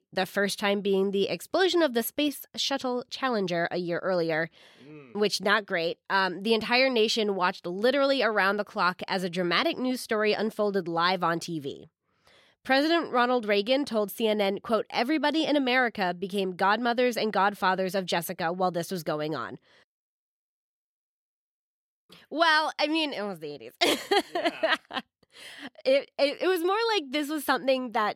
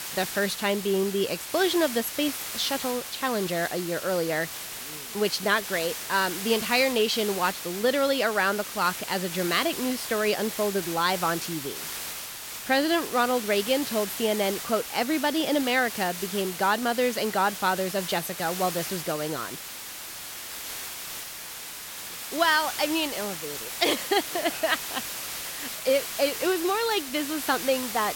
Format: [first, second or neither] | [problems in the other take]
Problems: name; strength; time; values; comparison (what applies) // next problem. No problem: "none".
first | hiss; loud; throughout; 7 dB below the speech